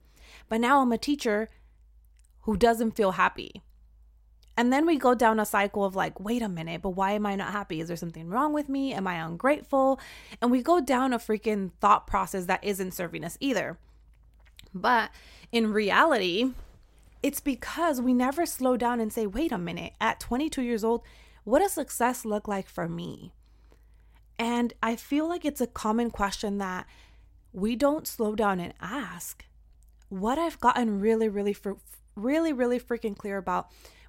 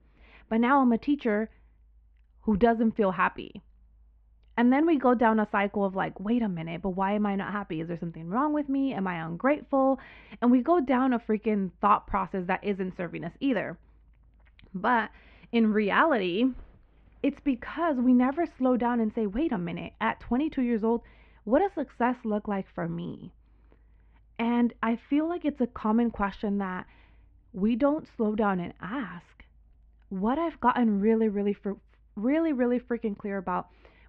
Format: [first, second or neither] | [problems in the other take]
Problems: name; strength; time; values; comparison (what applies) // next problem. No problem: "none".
first | muffled; very; fading above 3 kHz